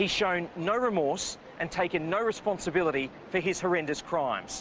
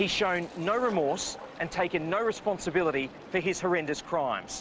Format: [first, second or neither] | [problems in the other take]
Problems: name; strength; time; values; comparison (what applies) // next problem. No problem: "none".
first | background sound (Toilet flush); 19 dB below the speech